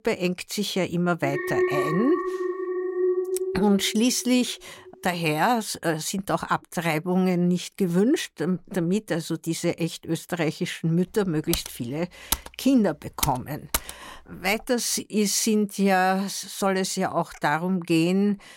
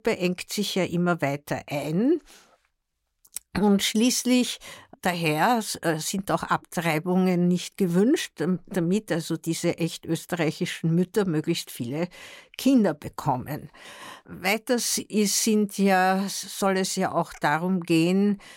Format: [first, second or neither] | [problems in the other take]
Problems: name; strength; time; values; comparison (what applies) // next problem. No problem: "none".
second | alarm; loud; from 1 to 4 s; peak 1 dB above the speech // keyboard typing; noticeable; from 12 to 14 s; peak 3 dB below the speech